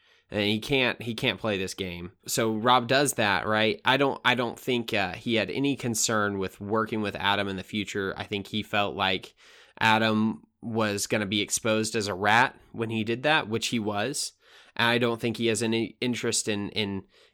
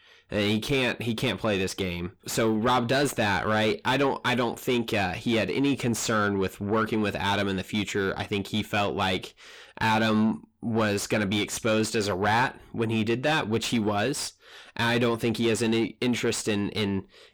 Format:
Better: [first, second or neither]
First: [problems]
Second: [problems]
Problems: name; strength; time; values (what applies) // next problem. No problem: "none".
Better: first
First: none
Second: distortion; heavy; 7 dB below the speech